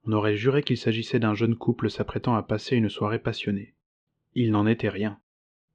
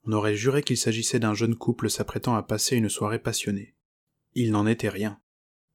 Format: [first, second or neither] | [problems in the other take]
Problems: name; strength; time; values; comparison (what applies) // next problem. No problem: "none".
second | muffled; slightly; fading above 3.5 kHz